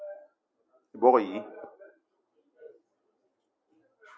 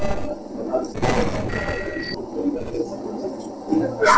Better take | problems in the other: first | noise reduction (neural separator model SepFormer DNS4)

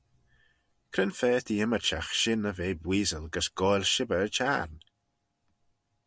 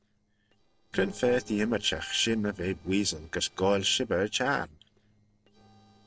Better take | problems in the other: first | noise reduction (neural separator model SepFormer DNS4)

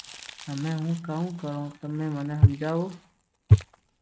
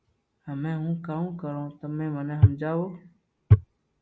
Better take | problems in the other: second | noise reduction (neural mask model RNNoise)

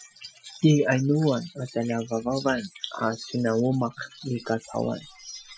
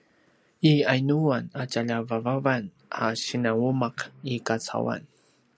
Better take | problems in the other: second | noise reduction (classical method Wiener filter)

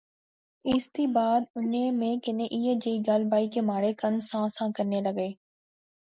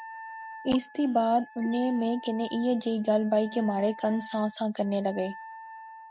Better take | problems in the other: first | background sound (Wind instrument, woodwind instrument); 16 dB below the speech

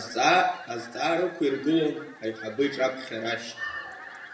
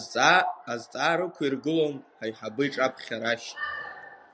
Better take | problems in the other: second | background sound (Fowl); 17 dB below the speech // room echo; dies away in 0.6 s

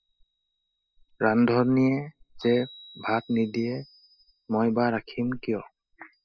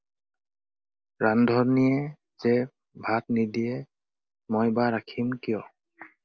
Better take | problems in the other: second | noise reduction (classical method spectral subtraction)

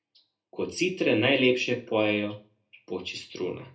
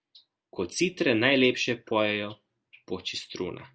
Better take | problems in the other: second | room echo; dies away in 0.3 s

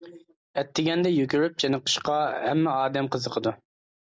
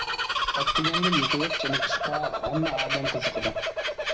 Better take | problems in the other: first | background sound (Bird vocalization, bird call, bird song); 5 dB above the speech // room echo; dies away in 0.4 s

